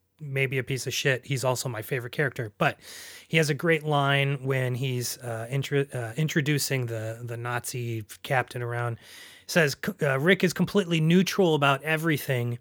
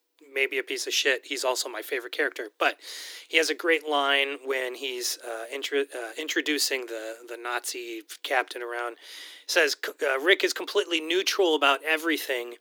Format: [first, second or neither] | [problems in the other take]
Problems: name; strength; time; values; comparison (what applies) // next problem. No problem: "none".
first | thin; very; fading below 300 Hz